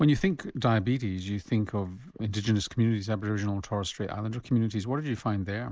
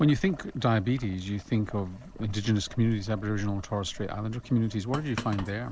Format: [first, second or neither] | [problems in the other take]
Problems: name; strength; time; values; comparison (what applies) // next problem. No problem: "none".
first | background sound (Boiling); 14 dB below the speech